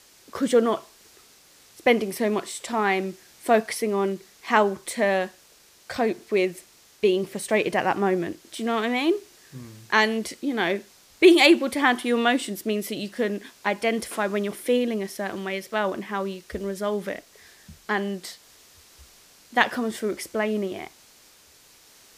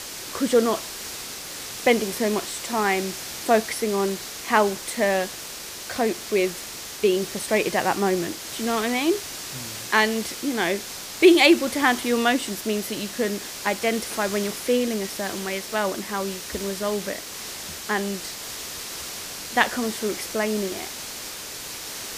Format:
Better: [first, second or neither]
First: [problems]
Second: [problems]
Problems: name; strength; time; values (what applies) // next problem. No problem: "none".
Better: first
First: hiss; faint; throughout; 25 dB below the speech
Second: hiss; loud; throughout; 9 dB below the speech